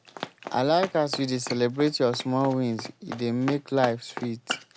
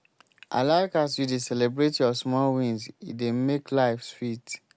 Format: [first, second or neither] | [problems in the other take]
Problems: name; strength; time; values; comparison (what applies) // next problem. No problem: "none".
second | background sound (Run); 12 dB below the speech